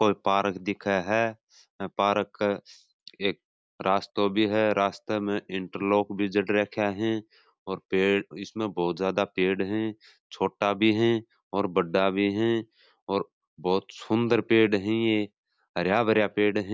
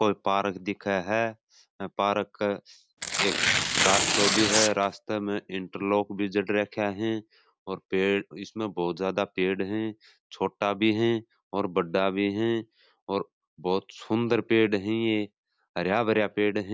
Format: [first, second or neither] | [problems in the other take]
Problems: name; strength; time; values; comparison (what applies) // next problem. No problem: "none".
first | background sound (Tearing); 3 dB above the speech